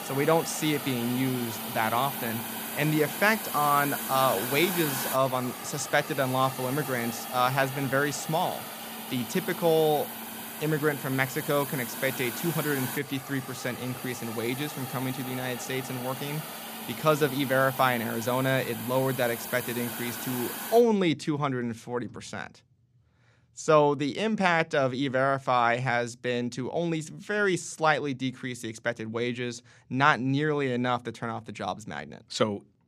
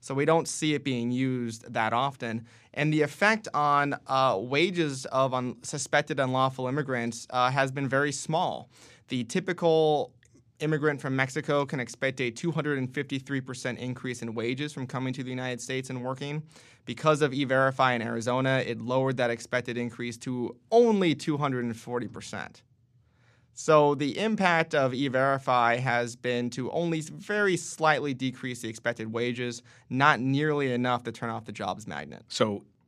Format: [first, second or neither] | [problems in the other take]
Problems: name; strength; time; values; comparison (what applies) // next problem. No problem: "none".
second | hiss; loud; until 21 s; 7 dB below the speech